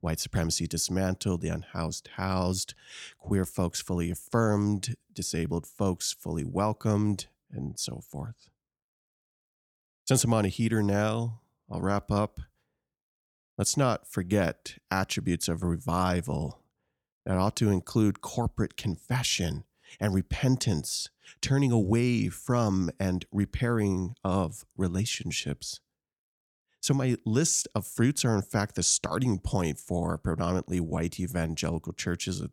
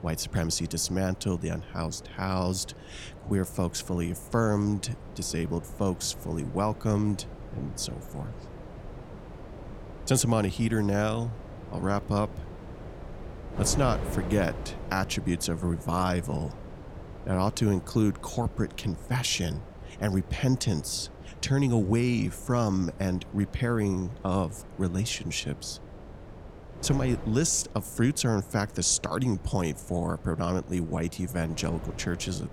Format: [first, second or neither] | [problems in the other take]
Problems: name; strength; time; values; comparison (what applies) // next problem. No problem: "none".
first | wind noise on the microphone; occasional gusts; 15 dB below the speech